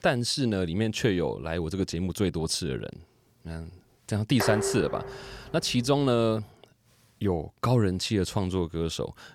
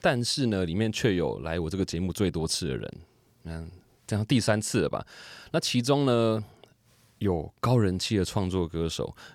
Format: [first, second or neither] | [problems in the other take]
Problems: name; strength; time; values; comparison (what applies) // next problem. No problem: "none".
second | clattering dishes; noticeable; from 4.5 to 6 s; peak 1 dB below the speech